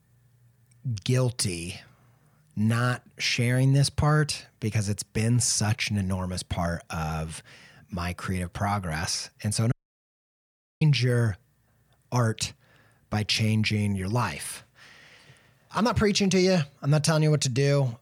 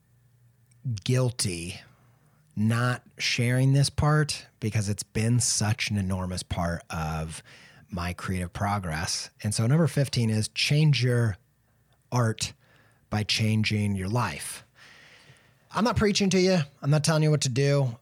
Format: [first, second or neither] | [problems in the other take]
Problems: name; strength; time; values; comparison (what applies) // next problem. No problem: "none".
second | audio cutting out; at 9.5 s for 1 s